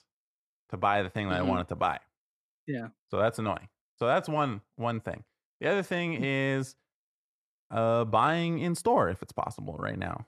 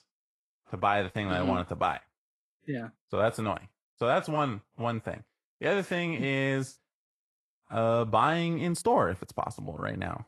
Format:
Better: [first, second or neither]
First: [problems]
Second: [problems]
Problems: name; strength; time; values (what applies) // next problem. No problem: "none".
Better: first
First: none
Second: garbled, watery; slightly; nothing above 12 kHz